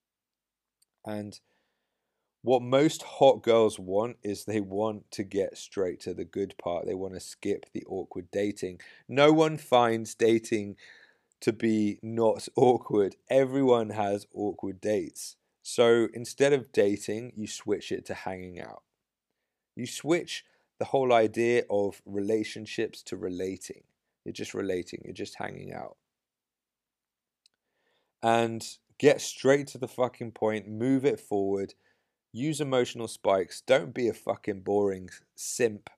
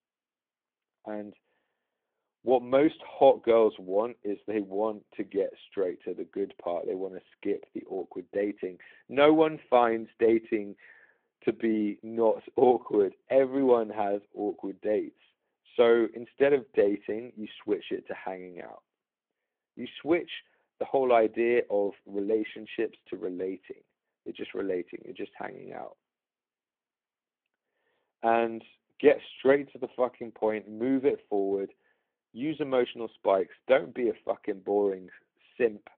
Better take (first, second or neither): first